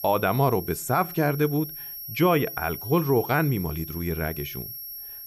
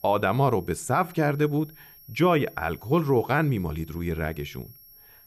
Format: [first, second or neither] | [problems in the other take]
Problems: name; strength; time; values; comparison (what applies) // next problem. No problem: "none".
second | high-pitched whine; loud; throughout; 11.5 kHz, 10 dB below the speech; faint in the second